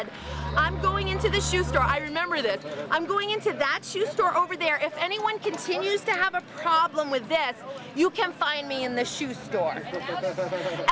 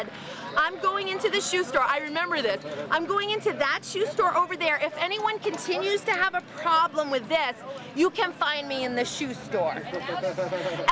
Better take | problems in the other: second | background sound (Bowed string instrument); 5 dB below the speech

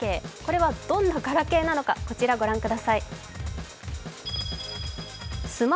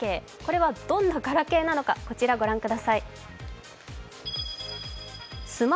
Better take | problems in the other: second | background sound (Drum kit); 10 dB below the speech

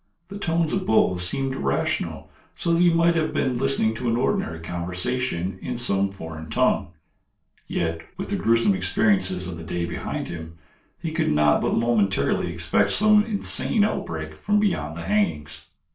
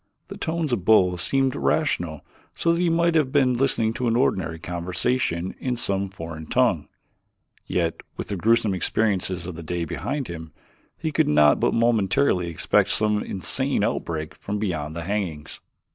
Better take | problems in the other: second | room echo; dies away in 0.3 s

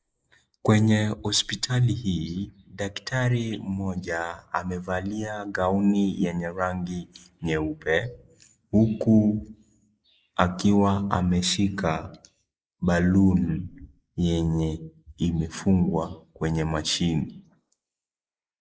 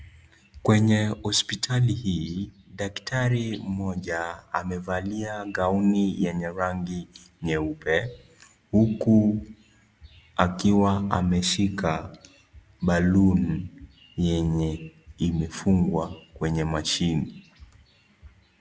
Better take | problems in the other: second | noise reduction (neural mask model Resemble Enhance denoiser)

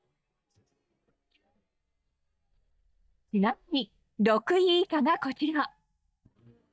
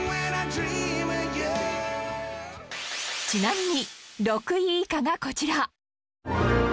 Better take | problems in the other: second | noise reduction (neural mask model DeepFilterNet 3)

